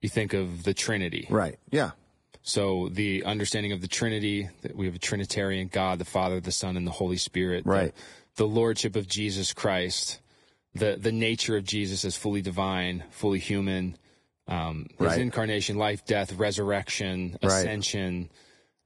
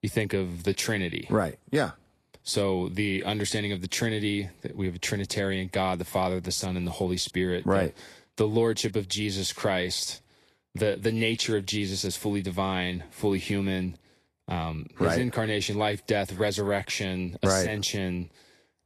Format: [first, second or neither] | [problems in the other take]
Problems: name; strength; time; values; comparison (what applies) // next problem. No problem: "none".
second | garbled, watery; badly; nothing above 10.5 kHz; slightly in the second